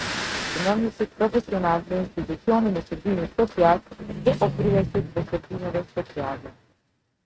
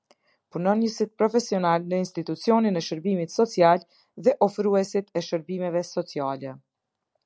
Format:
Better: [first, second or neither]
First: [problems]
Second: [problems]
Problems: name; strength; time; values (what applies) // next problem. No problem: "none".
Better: second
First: noise reduction (neural mask model RNNoise)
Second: none